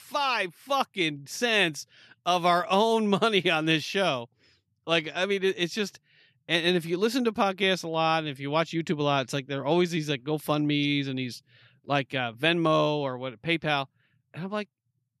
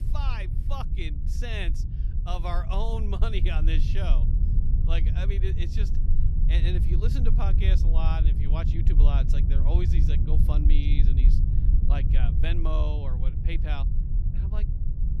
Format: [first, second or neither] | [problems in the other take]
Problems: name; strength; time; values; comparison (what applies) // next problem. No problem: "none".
first | low rumble; loud; throughout; 5 dB below the speech